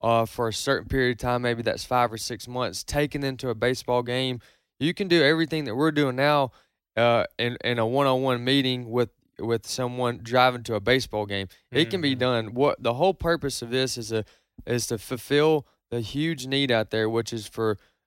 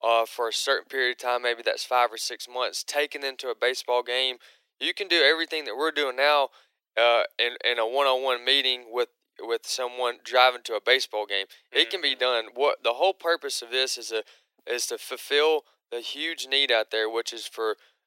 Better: first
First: none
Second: thin; very; fading below 400 Hz

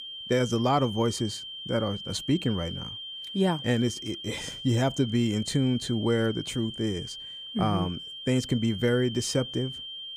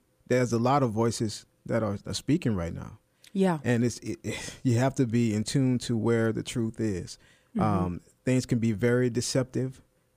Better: second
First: high-pitched whine; loud; throughout; 3 kHz, 9 dB below the speech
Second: none

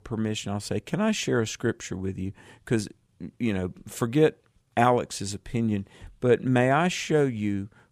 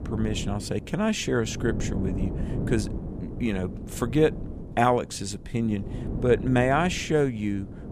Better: first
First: none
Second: wind noise on the microphone; occasional gusts; 15 dB below the speech

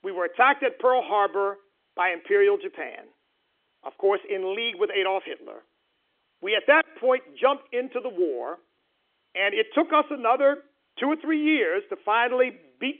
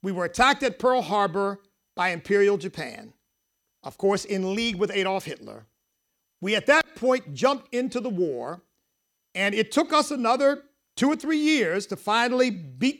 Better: second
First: phone-call audio; nothing above 3.5 kHz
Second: none

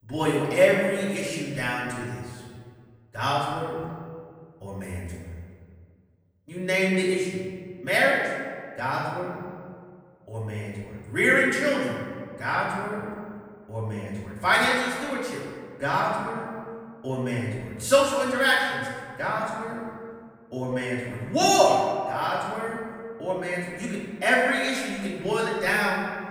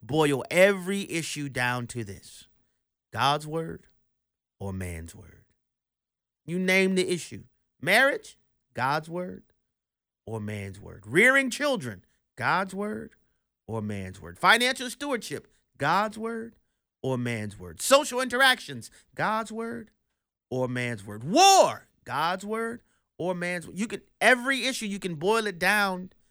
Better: second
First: off-mic speech; far // room echo; noticeable; dies away in 1.6 s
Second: none

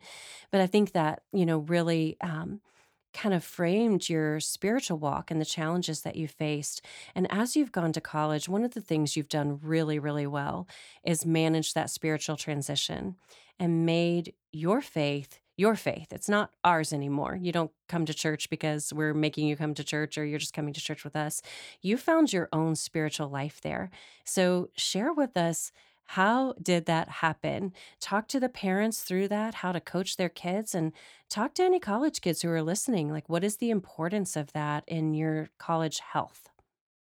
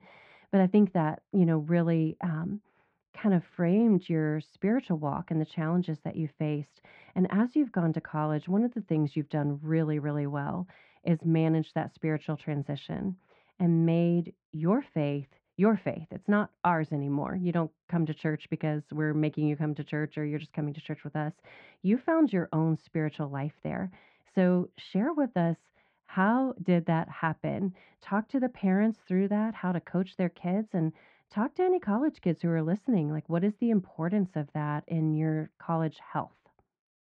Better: first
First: none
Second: muffled; very; fading above 2 kHz

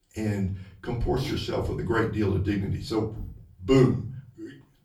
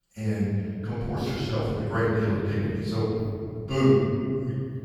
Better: first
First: room echo; slight; dies away in 0.4 s // off-mic speech; far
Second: room echo; strong; dies away in 2.9 s // off-mic speech; far

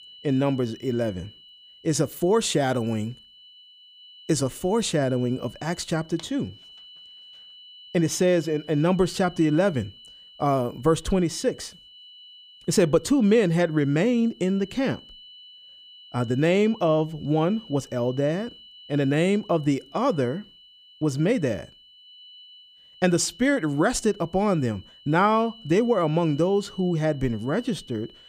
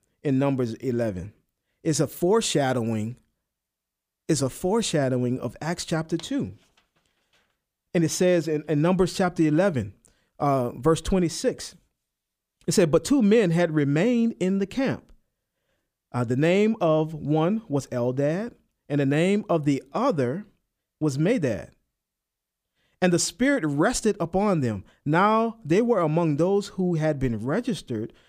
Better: second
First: high-pitched whine; faint; throughout; 3 kHz, 20 dB below the speech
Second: none

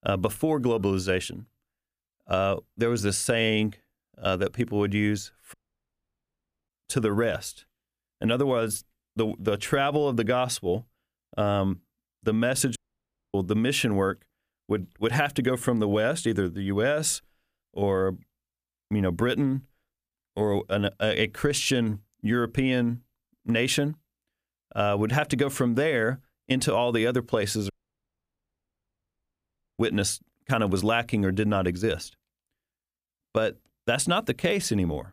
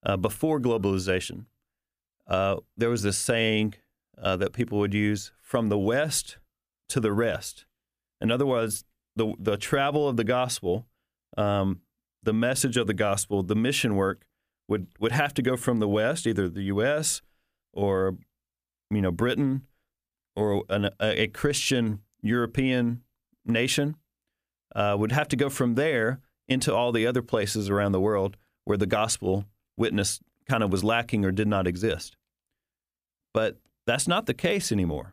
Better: second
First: audio cutting out; at 5.5 s for 1 s, at 13 s for 0.5 s and at 28 s for 2 s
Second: none

